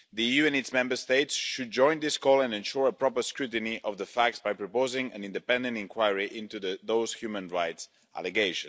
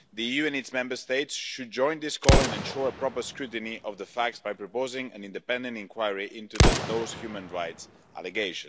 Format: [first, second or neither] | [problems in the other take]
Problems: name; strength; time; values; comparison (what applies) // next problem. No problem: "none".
first | background sound (Explosion); 1 dB above the speech